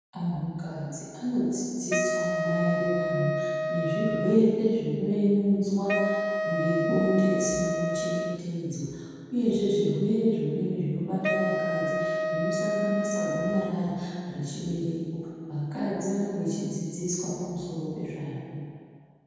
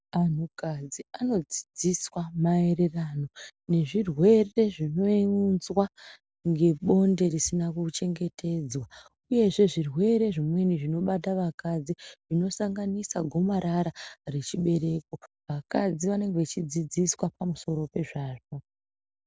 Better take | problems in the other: second | background sound (Wind instrument, woodwind instrument); 2 dB below the speech // room echo; dies away in 2 s

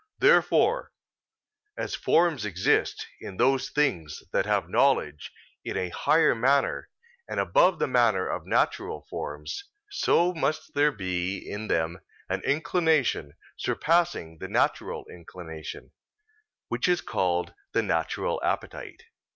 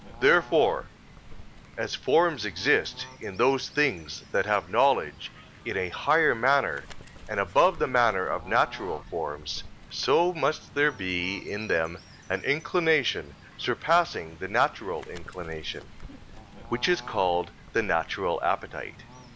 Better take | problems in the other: first | background sound (Bird / Fowl); 18 dB below the speech

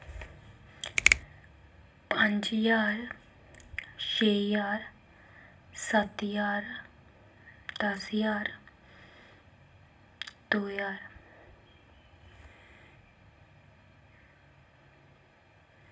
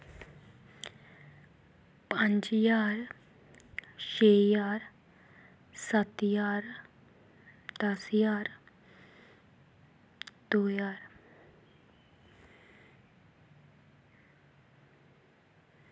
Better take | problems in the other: second | background sound (Finger snapping); 4 dB above the speech // room echo; dies away in 0.2 s

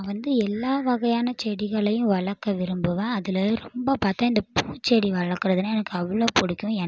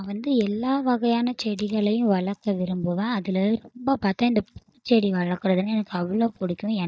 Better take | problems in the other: first | noise reduction (neural mask model DeepFilterNet 3)

